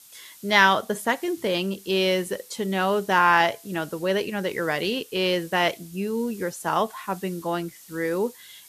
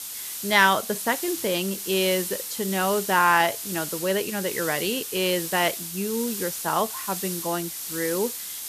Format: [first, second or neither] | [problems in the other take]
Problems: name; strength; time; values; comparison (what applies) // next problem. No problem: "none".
first | hiss; loud; throughout; 6 dB below the speech; faint in the first